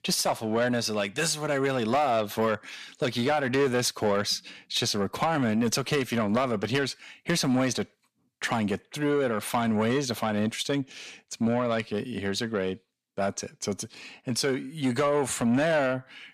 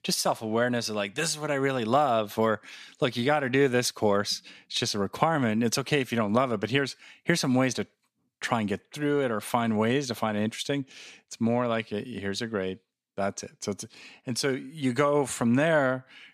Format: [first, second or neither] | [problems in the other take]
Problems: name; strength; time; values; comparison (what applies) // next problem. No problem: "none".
second | distortion; slight; 10 dB below the speech